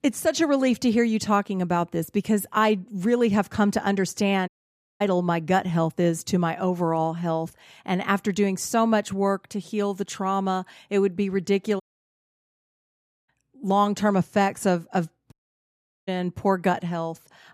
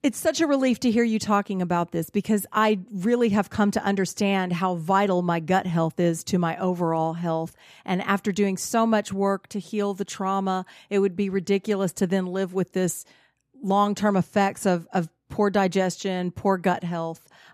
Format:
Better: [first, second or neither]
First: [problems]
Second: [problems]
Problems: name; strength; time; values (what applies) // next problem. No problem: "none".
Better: second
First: audio cutting out; at 4.5 s for 0.5 s, at 12 s for 1.5 s and at 15 s for 1 s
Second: none